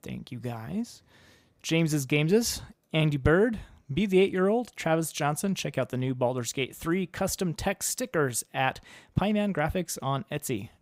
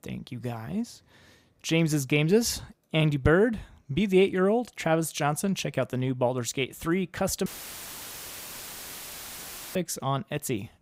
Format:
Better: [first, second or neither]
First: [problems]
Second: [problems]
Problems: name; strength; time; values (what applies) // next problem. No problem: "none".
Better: first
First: none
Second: audio cutting out; filled with static; at 7.5 s for 2.5 s